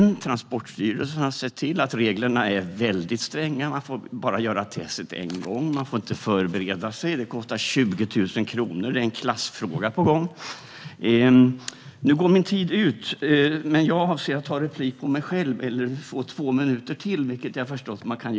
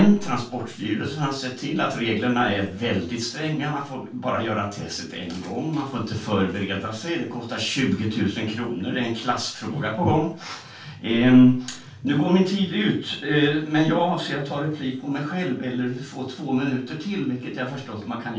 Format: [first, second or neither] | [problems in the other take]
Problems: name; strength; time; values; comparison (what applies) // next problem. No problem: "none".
first | room echo; dies away in 0.3 s